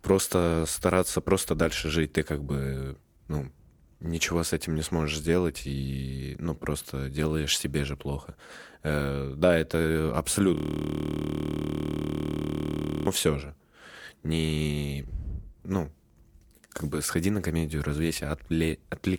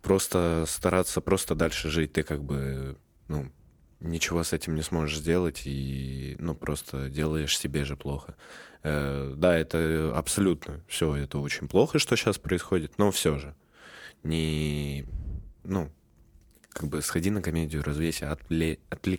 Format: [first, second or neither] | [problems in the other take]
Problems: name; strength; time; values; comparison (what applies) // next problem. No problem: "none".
second | audio freezing; at 11 s for 2.5 s